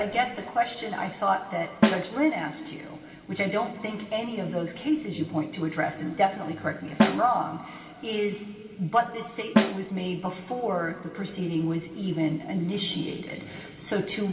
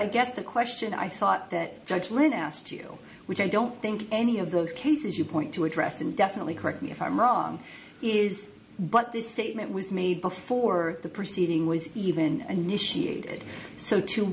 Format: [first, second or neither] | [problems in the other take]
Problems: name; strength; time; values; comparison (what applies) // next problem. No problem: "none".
second | background sound (Snare drum); as loud as the speech // room echo; dies away in 2.4 s